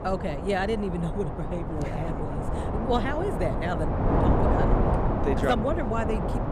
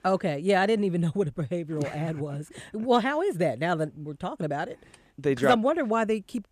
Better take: second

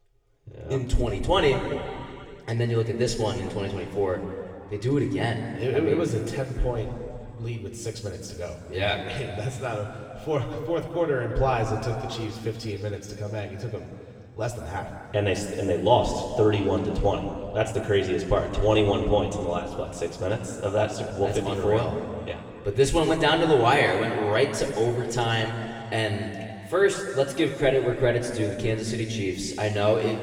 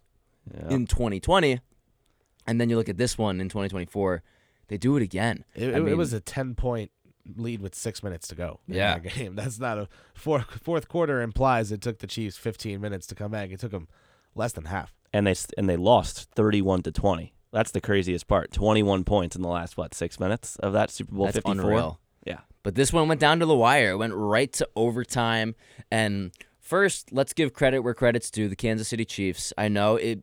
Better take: second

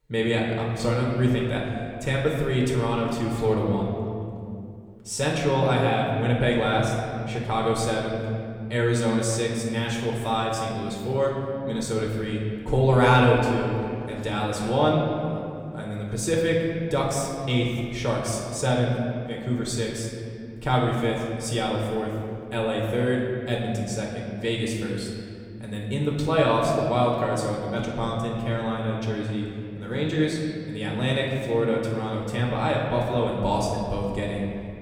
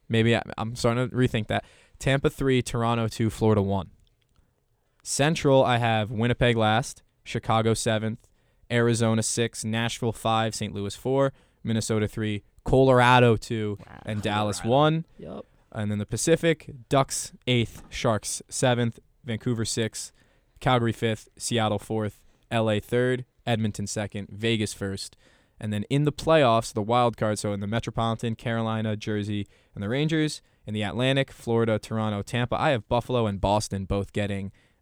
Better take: second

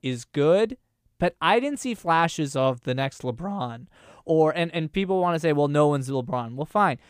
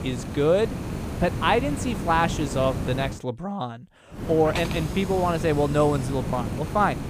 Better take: first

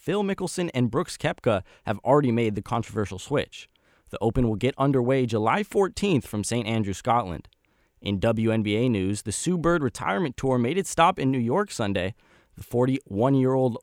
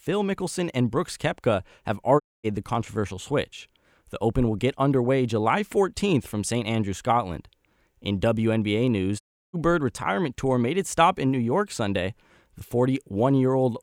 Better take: first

